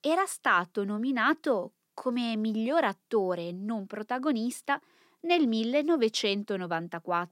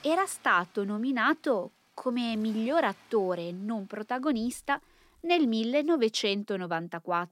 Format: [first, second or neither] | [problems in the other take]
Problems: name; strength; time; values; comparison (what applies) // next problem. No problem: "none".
first | traffic noise; faint; until 5.5 s; 30 dB below the speech